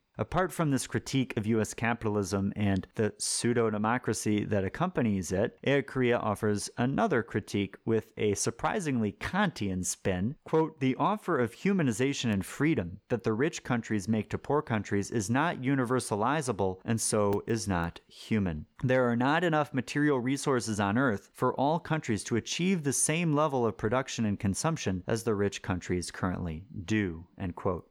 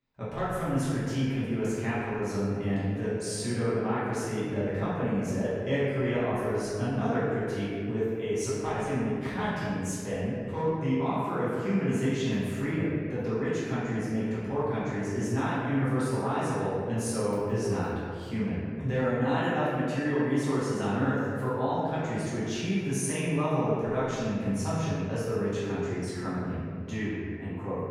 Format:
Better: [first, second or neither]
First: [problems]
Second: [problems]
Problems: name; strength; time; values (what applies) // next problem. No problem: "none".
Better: first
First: none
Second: off-mic speech; far // room echo; strong; dies away in 1.9 s